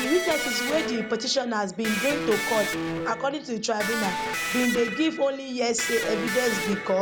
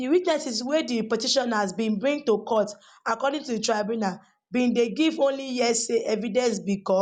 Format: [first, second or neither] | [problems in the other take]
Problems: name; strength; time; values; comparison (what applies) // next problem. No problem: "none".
second | background sound (Electric guitar); 4 dB below the speech